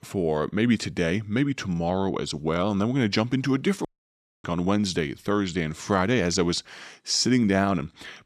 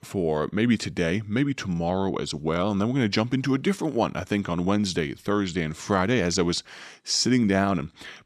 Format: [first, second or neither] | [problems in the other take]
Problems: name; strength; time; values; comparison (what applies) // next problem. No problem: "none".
second | audio cutting out; at 4 s for 0.5 s